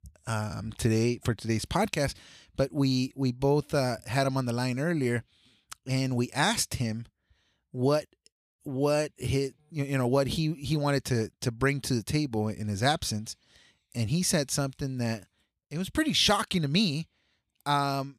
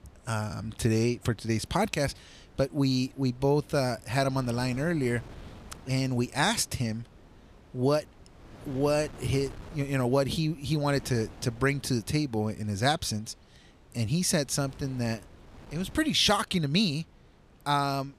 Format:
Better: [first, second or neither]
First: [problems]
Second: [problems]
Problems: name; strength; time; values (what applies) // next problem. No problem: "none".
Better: first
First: none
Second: wind noise on the microphone; occasional gusts; 25 dB below the speech